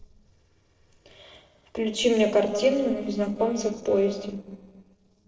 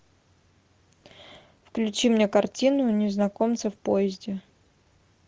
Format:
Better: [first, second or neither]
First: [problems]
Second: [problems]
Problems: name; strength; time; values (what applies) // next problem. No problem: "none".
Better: second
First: noise reduction (neural separator model SepFormer DNS4)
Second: none